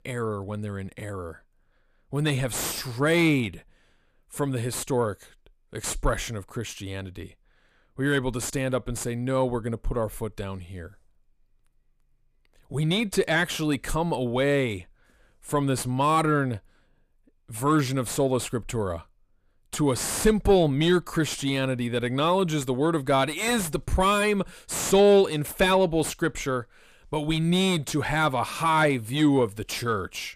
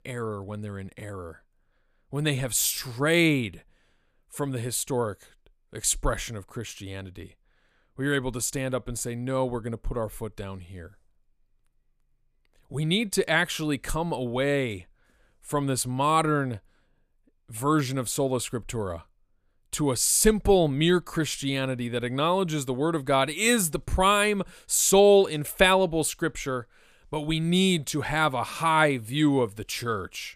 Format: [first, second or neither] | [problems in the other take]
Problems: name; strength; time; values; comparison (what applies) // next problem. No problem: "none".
second | distortion; slight; 10 dB below the speech